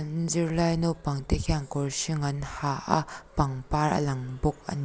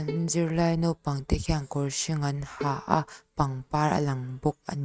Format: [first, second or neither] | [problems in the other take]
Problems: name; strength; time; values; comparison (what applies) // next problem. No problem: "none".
first | noise reduction (neural mask model RNNoise)